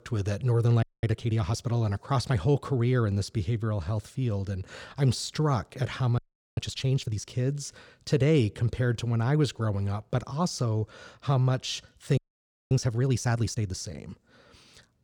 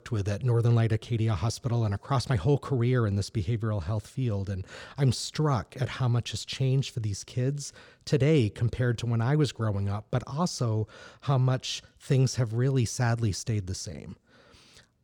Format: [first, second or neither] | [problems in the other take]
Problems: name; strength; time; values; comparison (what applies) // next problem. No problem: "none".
second | audio freezing; at 1 s, at 6 s and at 12 s for 0.5 s